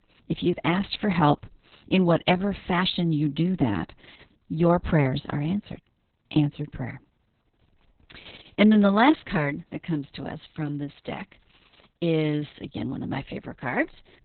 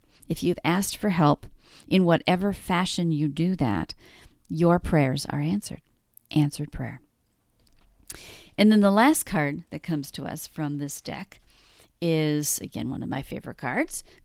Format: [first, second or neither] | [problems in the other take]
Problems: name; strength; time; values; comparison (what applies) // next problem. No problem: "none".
second | garbled, watery; badly; nothing above 4 kHz; slightly in the second